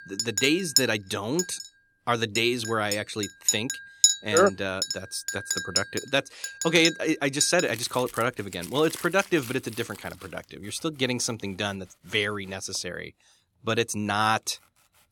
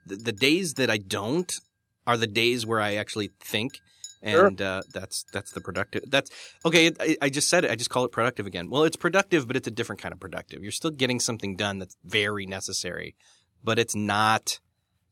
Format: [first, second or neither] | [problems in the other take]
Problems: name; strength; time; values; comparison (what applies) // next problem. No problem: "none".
second | household noises; loud; throughout; 2 dB below the speech; faint in the second